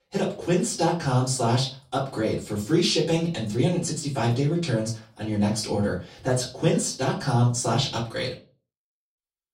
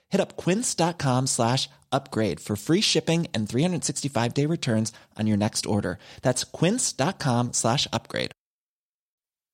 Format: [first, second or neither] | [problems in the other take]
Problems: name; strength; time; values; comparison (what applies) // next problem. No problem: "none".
second | off-mic speech; far // room echo; slight; dies away in 0.3 s